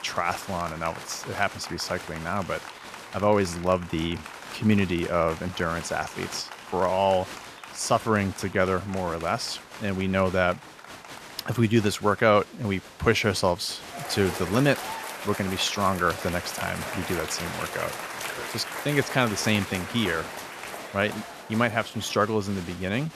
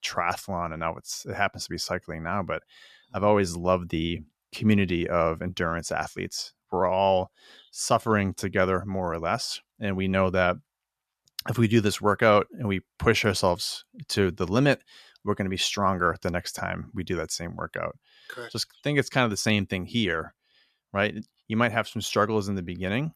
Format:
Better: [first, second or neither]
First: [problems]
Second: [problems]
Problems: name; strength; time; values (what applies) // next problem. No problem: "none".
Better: second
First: crowd noise; noticeable; throughout; 10 dB below the speech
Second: none